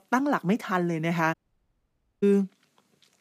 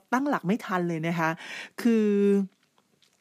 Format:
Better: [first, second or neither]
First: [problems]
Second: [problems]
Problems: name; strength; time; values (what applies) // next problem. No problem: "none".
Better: second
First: audio cutting out; at 1.5 s for 1 s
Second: none